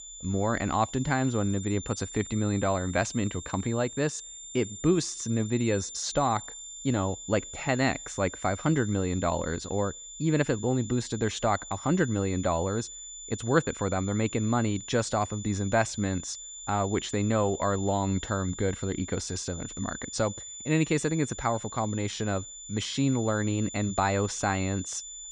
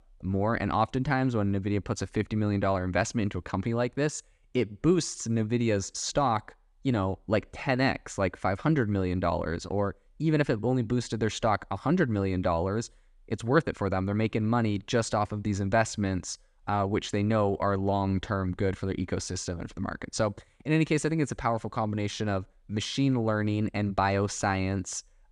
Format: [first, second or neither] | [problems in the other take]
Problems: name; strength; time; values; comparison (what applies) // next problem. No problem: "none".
second | high-pitched whine; noticeable; throughout; 7 kHz, 10 dB below the speech